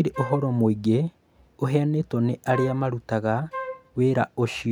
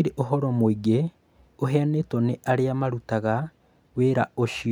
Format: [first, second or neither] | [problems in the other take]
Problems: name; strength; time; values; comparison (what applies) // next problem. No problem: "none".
second | background sound (Wind instrument, woodwind instrument); 12 dB below the speech